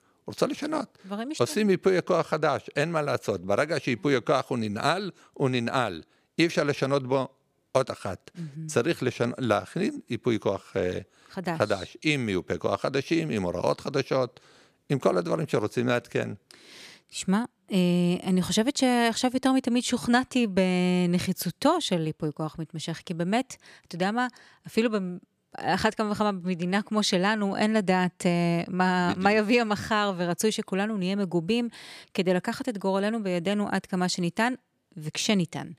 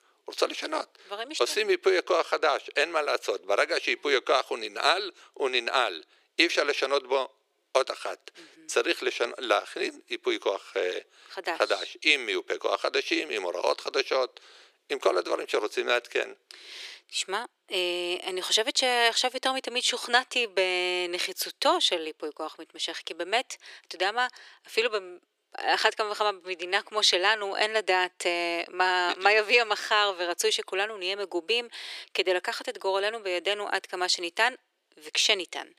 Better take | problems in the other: first | thin; very; fading below 350 Hz

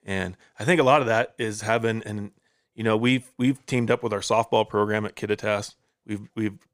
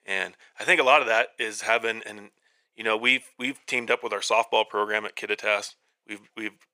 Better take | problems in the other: first | thin; somewhat; fading below 500 Hz

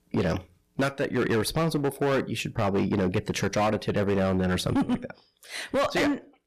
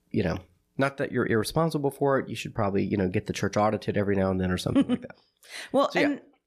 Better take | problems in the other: second | distortion; heavy; 16% of the sound clipped

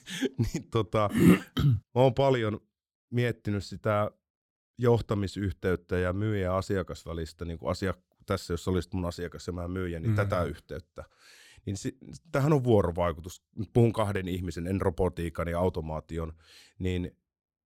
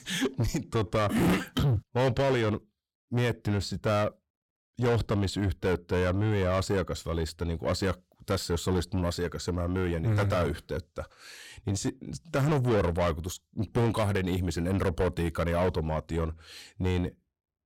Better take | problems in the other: first | distortion; heavy; 6 dB below the speech

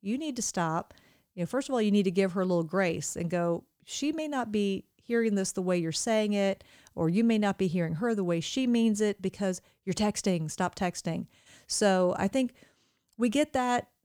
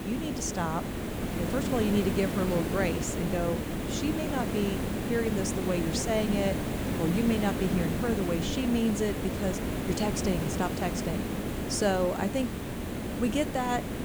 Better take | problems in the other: first | hiss; loud; throughout; 1 dB below the speech

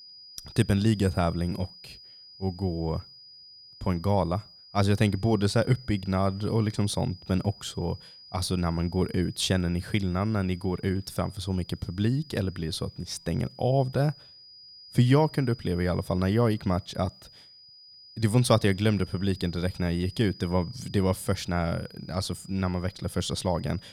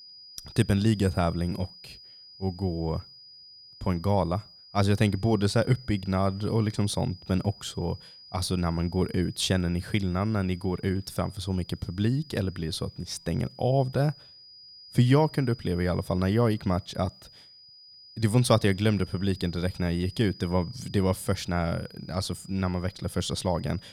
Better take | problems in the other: neither | high-pitched whine; faint; throughout; 5 kHz, 20 dB below the speech; the same in both

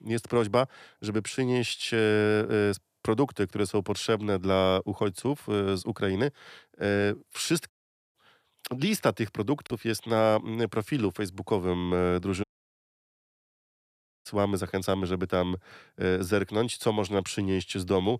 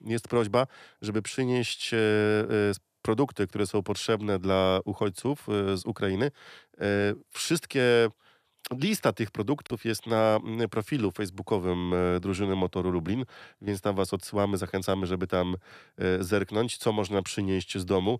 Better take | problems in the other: second | audio cutting out; at 7.5 s and at 12 s for 2 s

